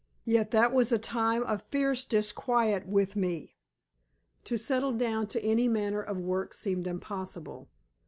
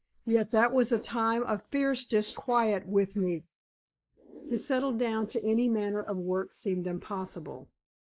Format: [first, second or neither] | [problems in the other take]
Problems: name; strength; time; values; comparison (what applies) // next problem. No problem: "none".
first | noise reduction (neural mask model Resemble Enhance denoiser)